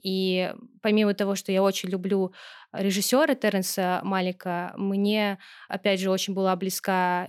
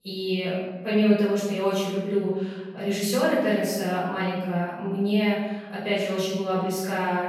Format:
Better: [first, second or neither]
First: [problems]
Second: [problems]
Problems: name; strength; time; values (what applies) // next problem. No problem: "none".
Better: first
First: none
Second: off-mic speech; far // room echo; strong; dies away in 1.4 s